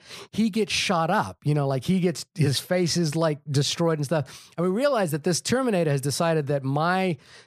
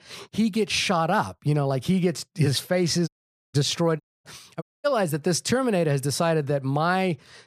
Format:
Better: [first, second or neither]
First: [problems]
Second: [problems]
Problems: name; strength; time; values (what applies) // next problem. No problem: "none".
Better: first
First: none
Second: audio cutting out; at 3 s, at 4 s and at 4.5 s